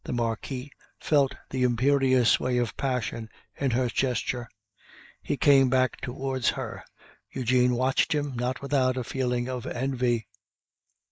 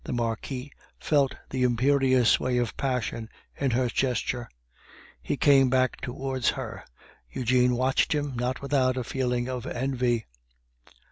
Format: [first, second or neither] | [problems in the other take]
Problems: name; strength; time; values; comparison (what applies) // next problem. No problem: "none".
second | noise reduction (neural mask model Resemble Enhance denoiser)